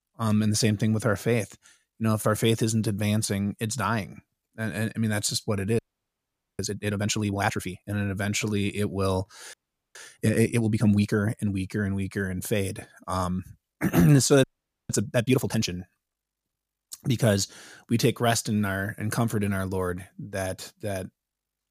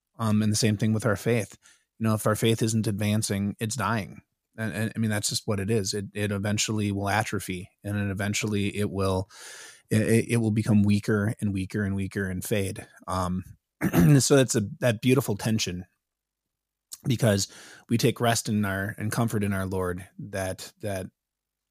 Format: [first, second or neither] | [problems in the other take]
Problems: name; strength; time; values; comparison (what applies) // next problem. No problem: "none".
second | audio freezing; at 6 s for 1 s, at 9.5 s and at 14 s